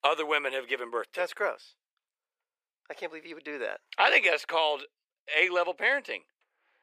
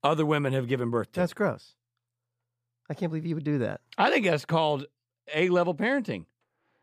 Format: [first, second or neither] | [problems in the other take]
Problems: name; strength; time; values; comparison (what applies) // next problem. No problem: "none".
second | thin; very; fading below 450 Hz